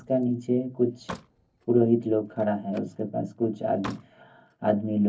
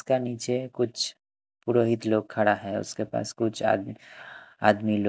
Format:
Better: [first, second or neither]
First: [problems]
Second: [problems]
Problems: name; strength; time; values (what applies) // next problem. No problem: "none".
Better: second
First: background sound (Slam); 20 dB below the speech // room echo; dies away in 0.3 s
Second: none